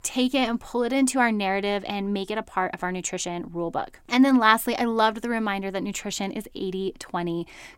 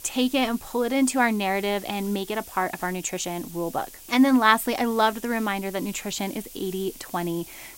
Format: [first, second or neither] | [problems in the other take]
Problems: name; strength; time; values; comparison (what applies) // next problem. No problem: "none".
first | hiss; noticeable; throughout; 15 dB below the speech